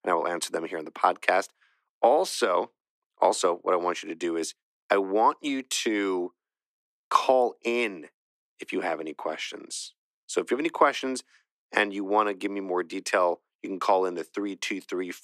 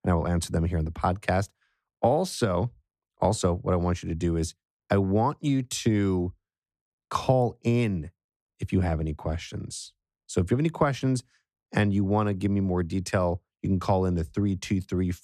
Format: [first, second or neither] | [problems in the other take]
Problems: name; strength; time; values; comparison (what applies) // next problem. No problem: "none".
second | thin; very; fading below 300 Hz